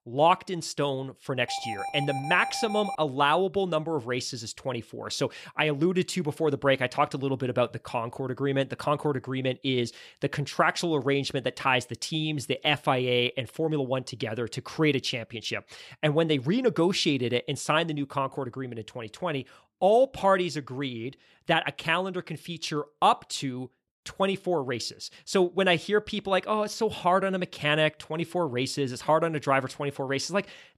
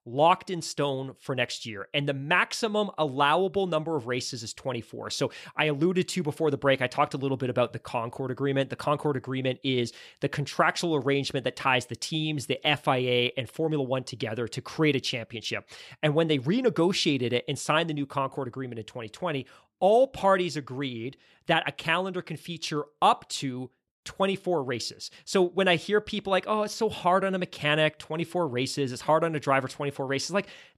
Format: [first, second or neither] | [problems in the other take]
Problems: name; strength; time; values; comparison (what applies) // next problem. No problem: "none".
second | alarm; noticeable; from 1.5 to 3 s; peak 7 dB below the speech